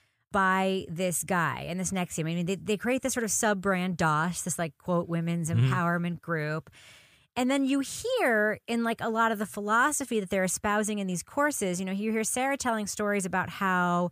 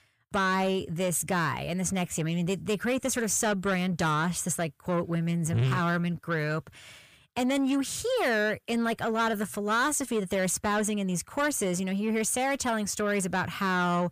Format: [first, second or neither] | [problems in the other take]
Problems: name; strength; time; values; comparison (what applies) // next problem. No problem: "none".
first | distortion; slight; 10 dB below the speech